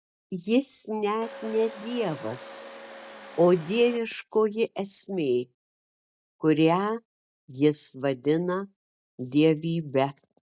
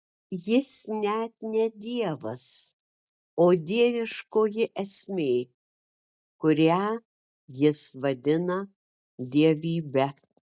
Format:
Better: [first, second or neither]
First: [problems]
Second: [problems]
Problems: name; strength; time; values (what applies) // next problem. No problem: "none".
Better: second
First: background sound (Domestic sounds, home sounds); 15 dB below the speech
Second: none